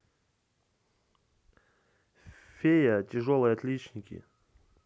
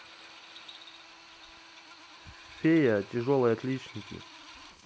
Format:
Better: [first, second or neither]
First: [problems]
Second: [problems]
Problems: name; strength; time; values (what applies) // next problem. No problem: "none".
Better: first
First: none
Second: background sound (Drill); 18 dB below the speech